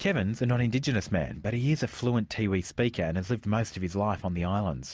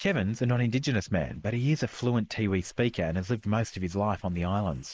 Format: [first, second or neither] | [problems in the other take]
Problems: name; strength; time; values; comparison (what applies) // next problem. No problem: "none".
first | noise reduction (neural mask model Resemble Enhance denoiser)